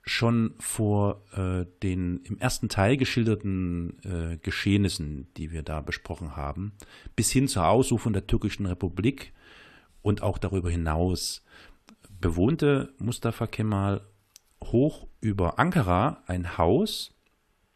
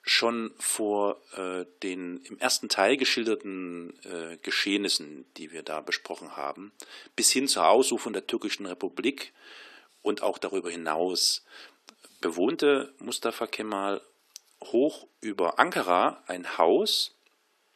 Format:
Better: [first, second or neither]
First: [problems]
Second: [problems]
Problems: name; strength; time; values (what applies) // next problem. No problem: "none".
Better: first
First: none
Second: thin; somewhat; fading below 300 Hz